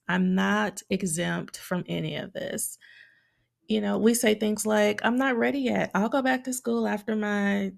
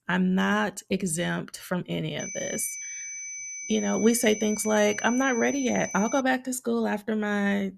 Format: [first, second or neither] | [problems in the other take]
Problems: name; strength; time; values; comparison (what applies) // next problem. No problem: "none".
first | high-pitched whine; loud; from 2 to 6 s; 6 kHz, 8 dB below the speech